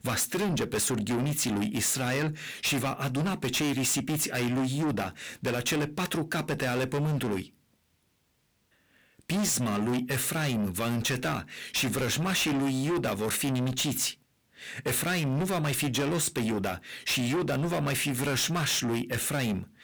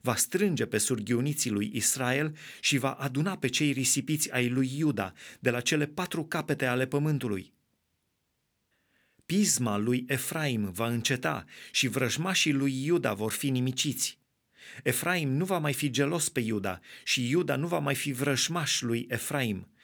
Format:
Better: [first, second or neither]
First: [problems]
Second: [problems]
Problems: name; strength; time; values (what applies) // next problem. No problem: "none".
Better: second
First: distortion; heavy; 5 dB below the speech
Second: none